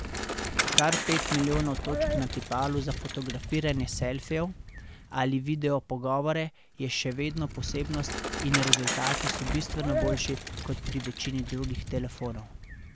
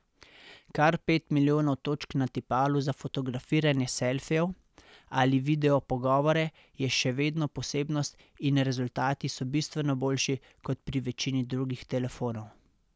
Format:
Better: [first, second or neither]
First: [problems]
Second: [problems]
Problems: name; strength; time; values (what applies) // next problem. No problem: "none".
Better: second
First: background sound (Bicycle); 2 dB below the speech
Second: none